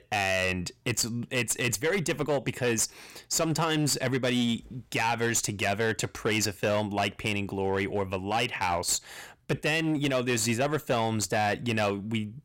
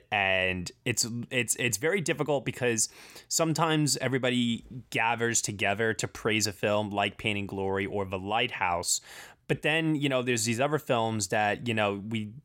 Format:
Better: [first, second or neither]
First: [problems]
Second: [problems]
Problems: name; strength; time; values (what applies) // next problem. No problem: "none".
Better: second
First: distortion; slight; 10% of the sound clipped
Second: none